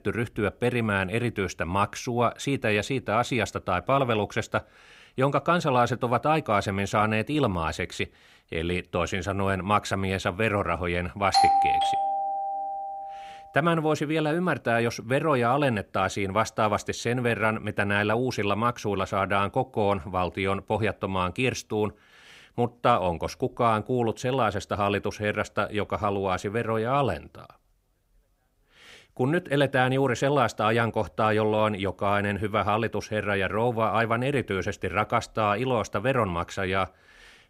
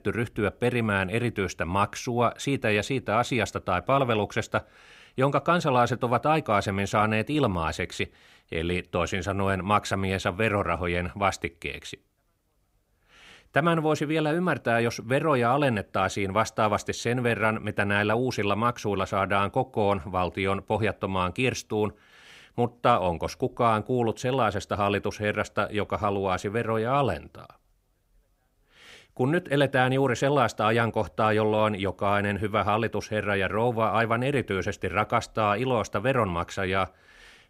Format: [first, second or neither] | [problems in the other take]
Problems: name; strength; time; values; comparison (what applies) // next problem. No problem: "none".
second | doorbell; loud; from 11 to 13 s; peak 6 dB above the speech